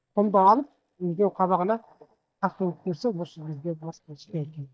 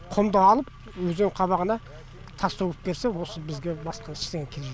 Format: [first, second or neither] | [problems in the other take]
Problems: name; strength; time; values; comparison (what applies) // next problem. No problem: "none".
second | noise reduction (neural mask model DeepFilterNet 3)